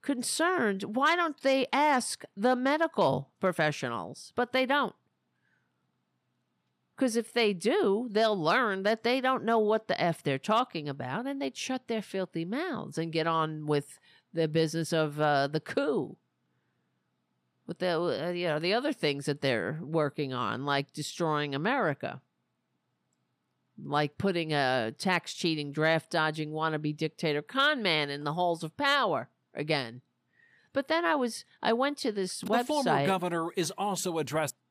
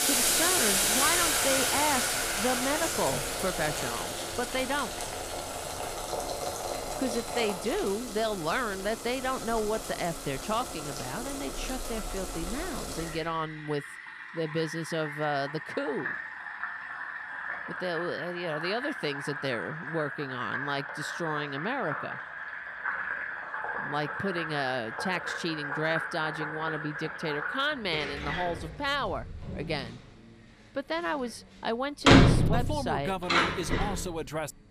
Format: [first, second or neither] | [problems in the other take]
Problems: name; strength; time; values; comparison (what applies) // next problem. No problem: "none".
first | household noises; very loud; throughout; 2 dB above the speech